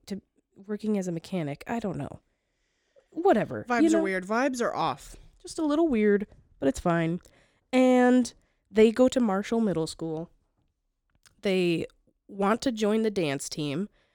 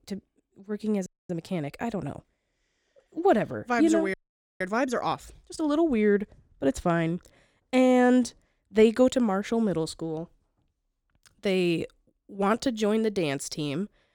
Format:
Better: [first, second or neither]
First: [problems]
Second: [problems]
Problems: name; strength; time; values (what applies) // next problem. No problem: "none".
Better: first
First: none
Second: audio freezing; at 1 s and at 4 s